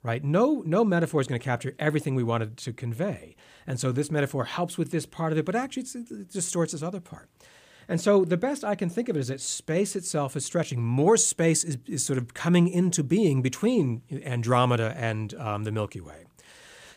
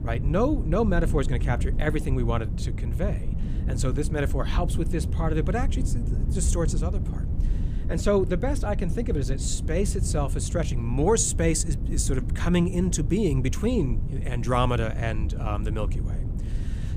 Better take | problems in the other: first | low rumble; noticeable; throughout; 15 dB below the speech

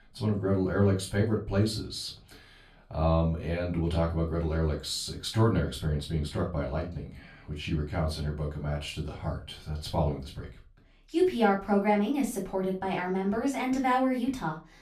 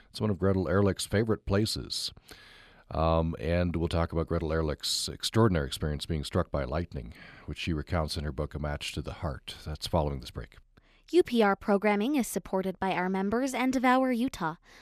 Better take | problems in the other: second | room echo; slight; dies away in 0.3 s // off-mic speech; far

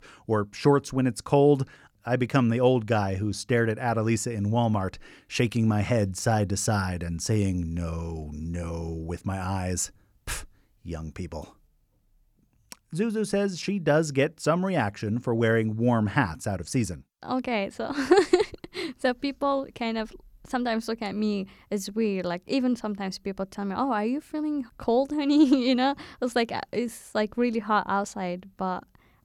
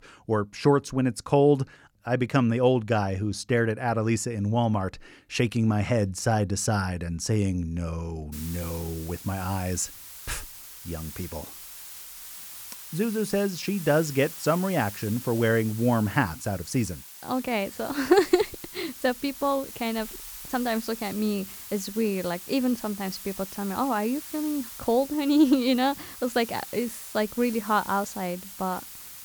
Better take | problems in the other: first | hiss; noticeable; from 8.5 s on; 10 dB below the speech

